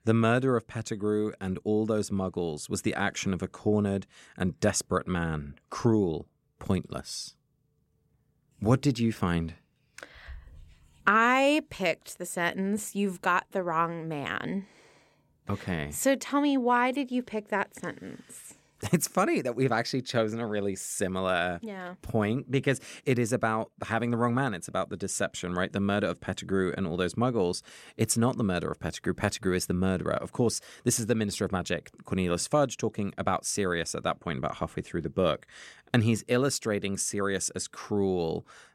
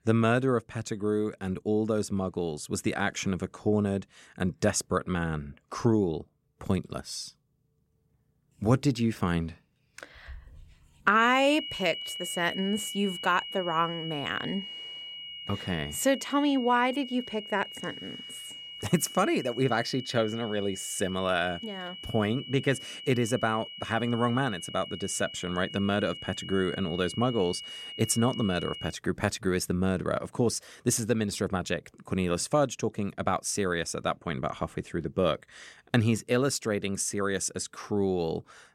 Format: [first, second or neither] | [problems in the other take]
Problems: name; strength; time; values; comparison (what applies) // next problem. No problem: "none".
first | high-pitched whine; loud; from 11 to 29 s; 3 kHz, 10 dB below the speech